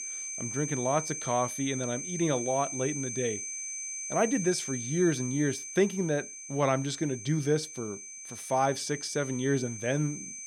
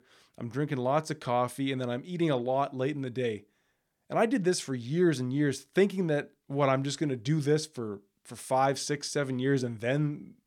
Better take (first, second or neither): second